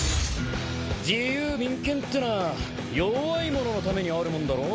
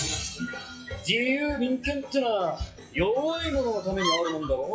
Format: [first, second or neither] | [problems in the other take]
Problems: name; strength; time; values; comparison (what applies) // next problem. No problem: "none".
first | noise reduction (classical method WPE with log-MMSE)